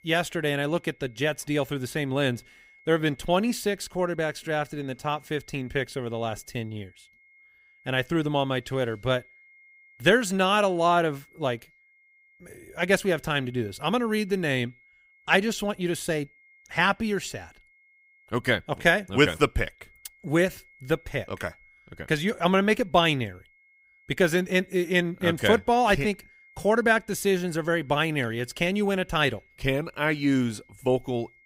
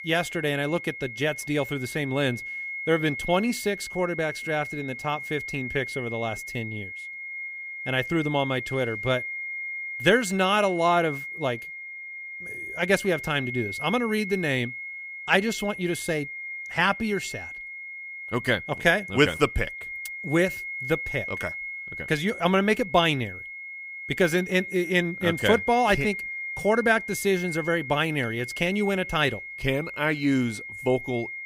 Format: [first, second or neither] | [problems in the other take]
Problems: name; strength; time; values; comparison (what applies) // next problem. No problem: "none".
first | high-pitched whine; loud; throughout; 2 kHz, 8 dB below the speech; faint in the first